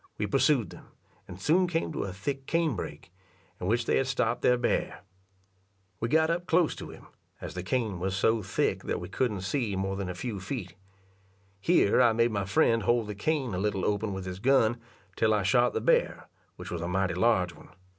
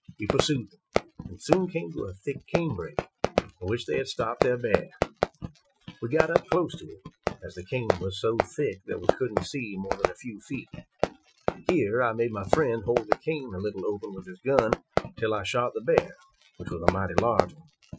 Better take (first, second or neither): first